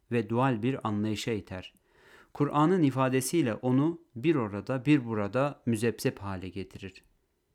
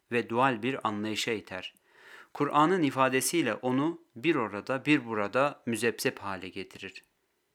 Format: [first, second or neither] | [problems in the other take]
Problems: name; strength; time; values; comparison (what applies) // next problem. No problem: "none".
first | thin; very slightly; fading below 950 Hz